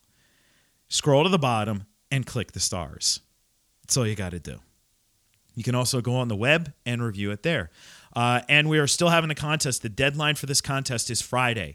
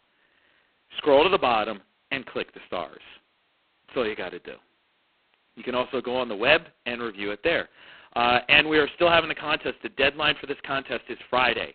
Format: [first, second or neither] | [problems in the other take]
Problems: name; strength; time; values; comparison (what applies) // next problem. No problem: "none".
first | phone-call audio; poor line